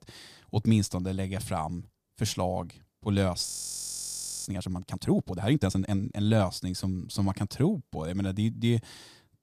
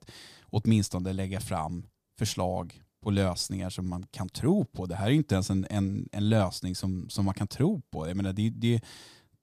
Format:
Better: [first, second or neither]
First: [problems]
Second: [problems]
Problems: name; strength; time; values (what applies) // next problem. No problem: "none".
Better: second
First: audio freezing; at 3.5 s for 1 s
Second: none